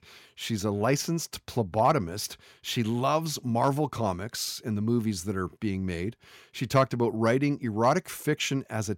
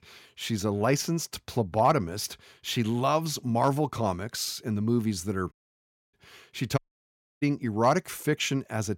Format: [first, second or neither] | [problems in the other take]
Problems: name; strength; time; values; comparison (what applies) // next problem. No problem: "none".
first | audio cutting out; at 5.5 s for 0.5 s and at 7 s for 0.5 s